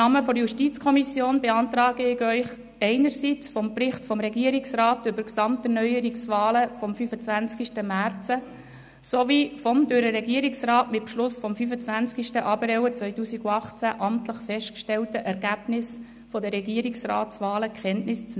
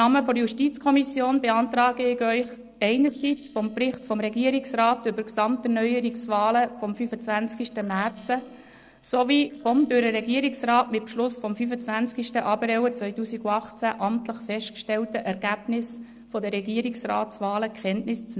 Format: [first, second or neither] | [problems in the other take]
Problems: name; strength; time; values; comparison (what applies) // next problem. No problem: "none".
first | noise reduction (neural separator model SepFormer DNS4)